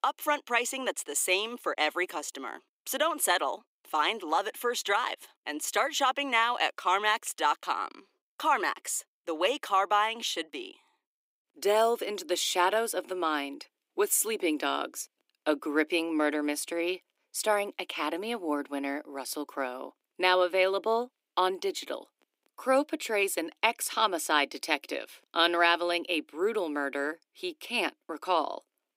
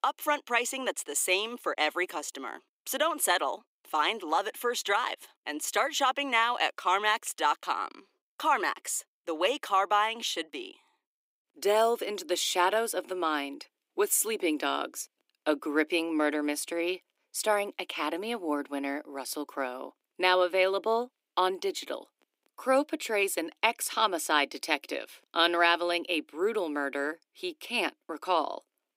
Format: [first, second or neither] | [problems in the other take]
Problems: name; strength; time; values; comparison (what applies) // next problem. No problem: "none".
neither | thin; very slightly; fading below 300 Hz; the same in both